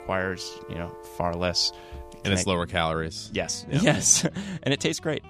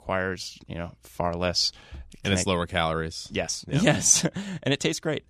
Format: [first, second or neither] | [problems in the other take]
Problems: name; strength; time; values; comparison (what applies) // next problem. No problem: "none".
second | background music; faint; throughout; 20 dB below the speech